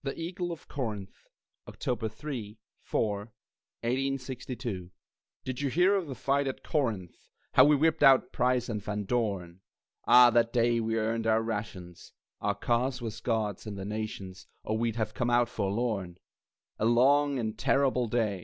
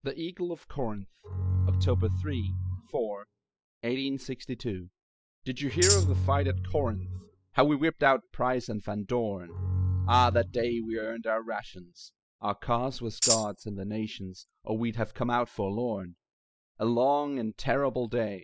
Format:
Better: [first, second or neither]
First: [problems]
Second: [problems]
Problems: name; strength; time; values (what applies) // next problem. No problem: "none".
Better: first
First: none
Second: noise reduction (classical method spectral subtraction)